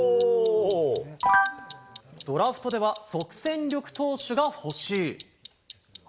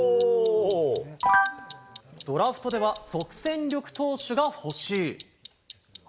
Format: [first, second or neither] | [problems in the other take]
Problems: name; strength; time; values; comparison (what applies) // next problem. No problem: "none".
first | background sound (Traffic noise, roadway noise / Vehicle horn, car horn, honking); 19 dB below the speech